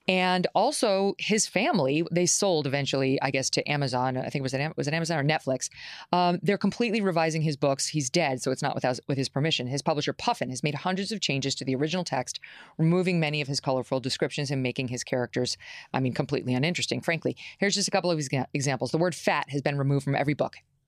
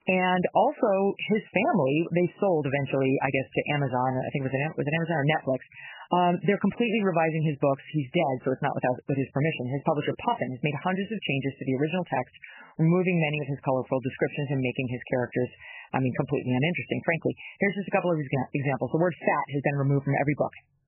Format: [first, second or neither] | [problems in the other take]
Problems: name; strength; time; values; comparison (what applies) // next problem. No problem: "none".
first | garbled, watery; badly; nothing above 3 kHz